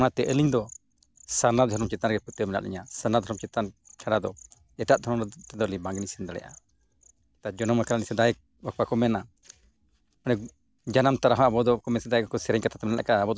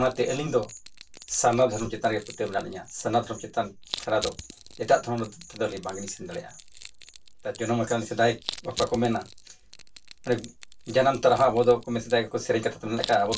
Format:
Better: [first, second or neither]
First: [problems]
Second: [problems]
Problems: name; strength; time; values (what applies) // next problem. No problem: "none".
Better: first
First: none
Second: background sound (Crushing); 17 dB below the speech // room echo; dies away in 0.2 s